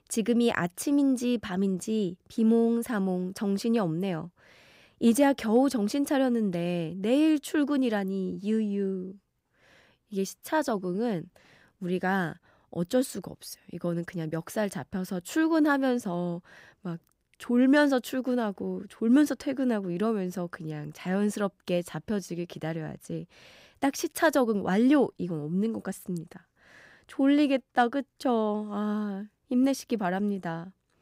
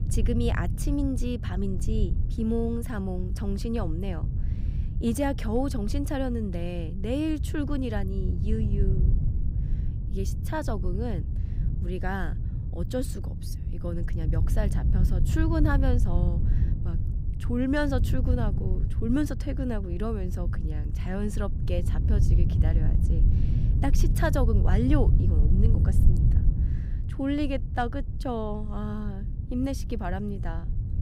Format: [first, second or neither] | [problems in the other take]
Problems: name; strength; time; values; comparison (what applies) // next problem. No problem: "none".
first | low rumble; loud; throughout; 9 dB below the speech